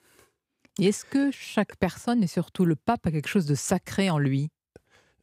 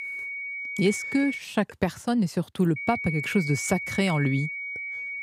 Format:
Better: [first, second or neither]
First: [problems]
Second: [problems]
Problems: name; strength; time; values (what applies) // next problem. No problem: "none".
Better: first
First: none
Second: high-pitched whine; loud; until 1.5 s and from 3 s on; 2 kHz, 5 dB below the speech